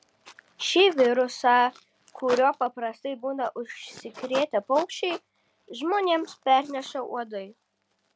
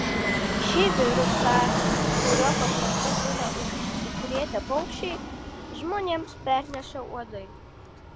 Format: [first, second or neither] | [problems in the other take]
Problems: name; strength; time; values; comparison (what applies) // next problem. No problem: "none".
first | background sound (Fixed-wing aircraft, airplane); 2 dB above the speech